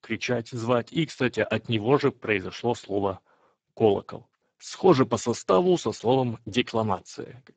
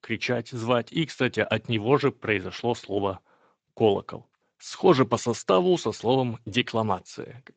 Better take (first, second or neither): second